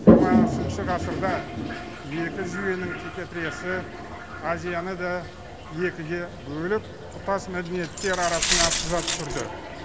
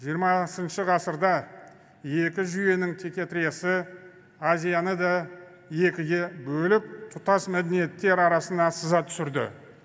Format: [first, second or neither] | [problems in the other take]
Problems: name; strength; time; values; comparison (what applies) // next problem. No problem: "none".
second | background sound (Toilet flush + Glass); 4 dB above the speech